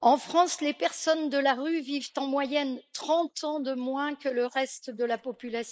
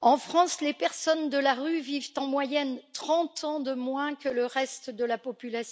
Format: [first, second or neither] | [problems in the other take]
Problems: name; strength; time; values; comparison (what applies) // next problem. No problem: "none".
second | noise reduction (neural mask model Resemble Enhance denoiser)